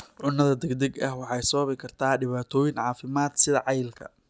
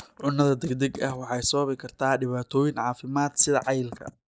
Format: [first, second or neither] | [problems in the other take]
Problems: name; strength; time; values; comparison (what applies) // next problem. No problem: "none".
first | noise reduction (neural mask model Resemble Enhance denoiser)